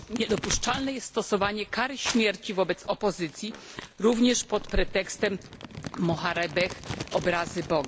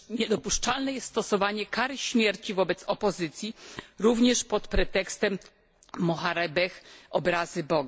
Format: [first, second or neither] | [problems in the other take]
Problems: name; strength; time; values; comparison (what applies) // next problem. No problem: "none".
second | background sound (Crumpling, crinkling); 13 dB below the speech